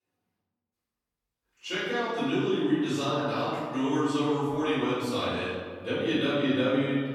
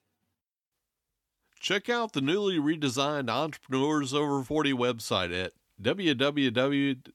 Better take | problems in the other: second | off-mic speech; far // room echo; strong; dies away in 1.7 s

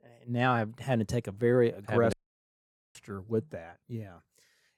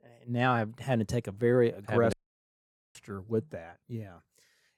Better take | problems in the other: neither | audio cutting out; at 2 s for 1 s; the same in both

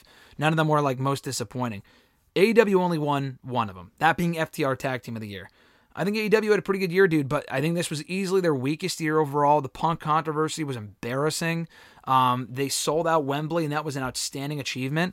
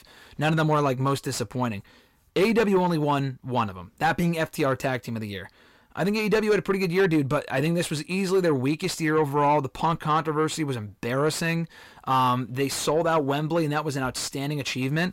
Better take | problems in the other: first | distortion; slight; 10 dB below the speech

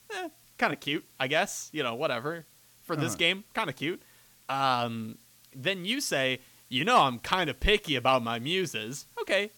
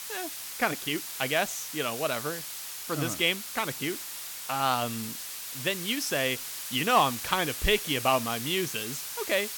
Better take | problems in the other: first | hiss; loud; throughout; 6 dB below the speech; faint in the first

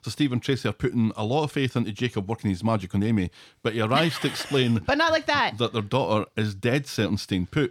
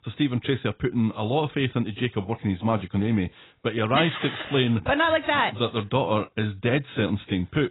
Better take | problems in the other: first | garbled, watery; badly; nothing above 4 kHz

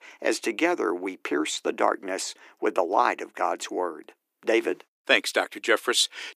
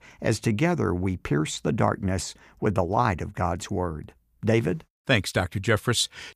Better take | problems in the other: second | thin; very; fading below 300 Hz

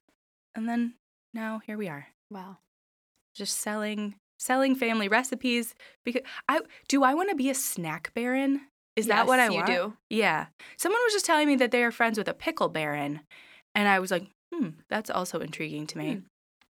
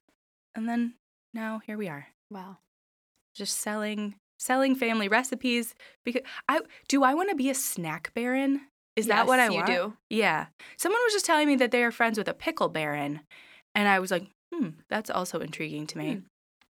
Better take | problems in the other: neither | none

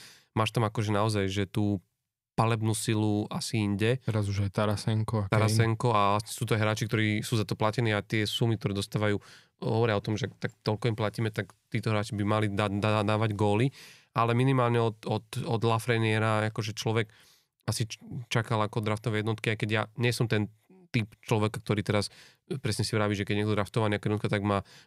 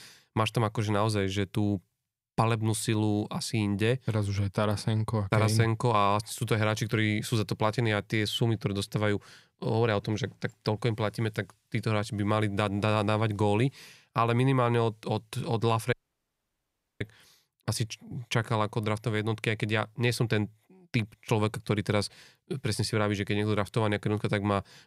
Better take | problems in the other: first | audio cutting out; at 16 s for 1 s

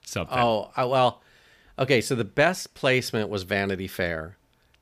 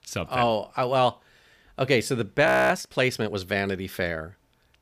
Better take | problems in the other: first | audio freezing; at 2.5 s

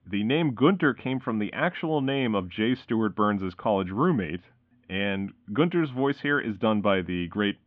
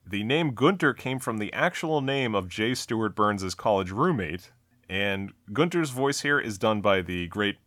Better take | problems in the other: second | muffled; very; fading above 3.5 kHz

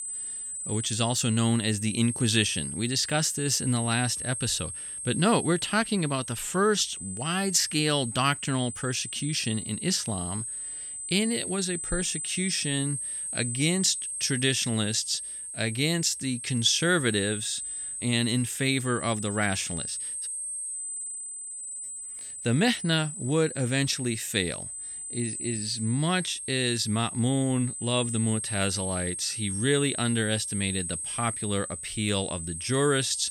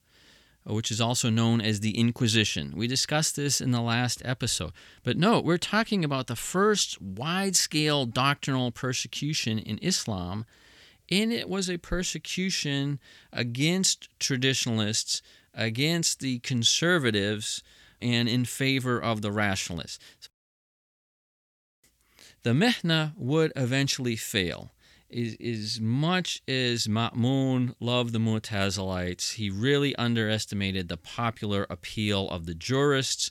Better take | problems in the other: second | high-pitched whine; loud; throughout; 8.5 kHz, 6 dB below the speech

